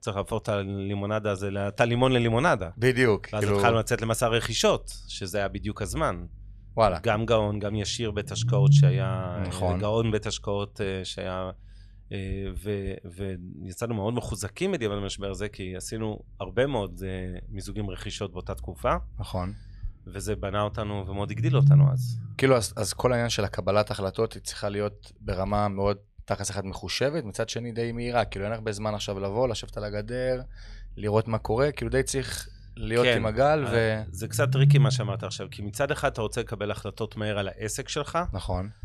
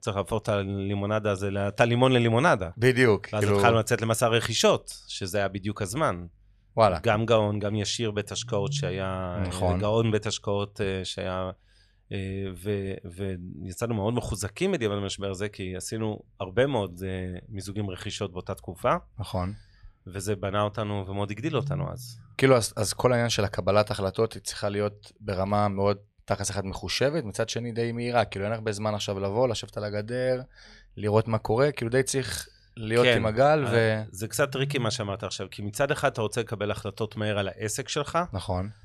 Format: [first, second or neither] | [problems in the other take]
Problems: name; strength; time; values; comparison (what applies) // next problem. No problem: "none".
second | low rumble; loud; throughout; 6 dB below the speech; faint in the second